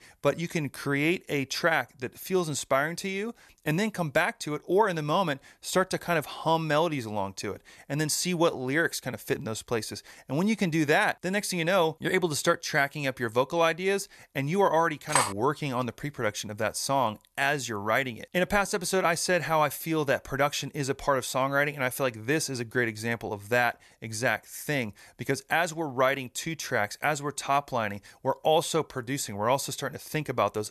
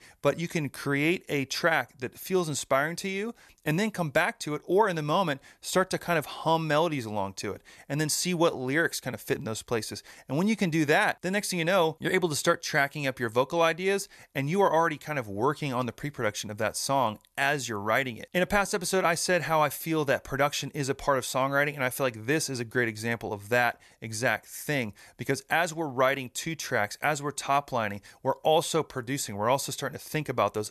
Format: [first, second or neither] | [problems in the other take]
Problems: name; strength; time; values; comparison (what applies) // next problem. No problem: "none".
second | clattering dishes; loud; at 15 s; peak 1 dB above the speech